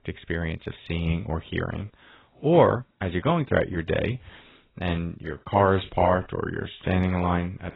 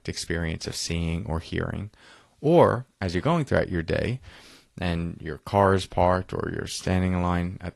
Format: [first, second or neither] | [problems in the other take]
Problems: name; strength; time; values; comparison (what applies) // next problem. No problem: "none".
second | garbled, watery; badly; nothing above 4 kHz; slightly in the second